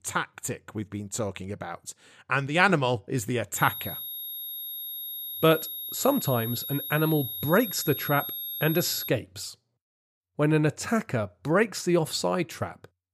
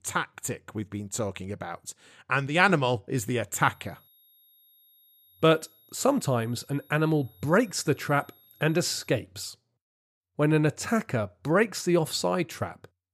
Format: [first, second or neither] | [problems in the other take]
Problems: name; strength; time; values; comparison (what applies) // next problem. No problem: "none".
second | high-pitched whine; loud; from 3.5 to 9 s; 11.5 kHz, 6 dB below the speech; faint in the second